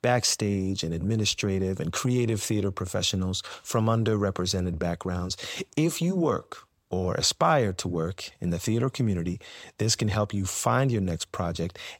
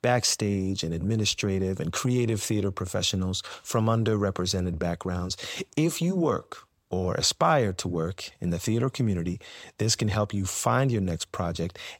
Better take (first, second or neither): neither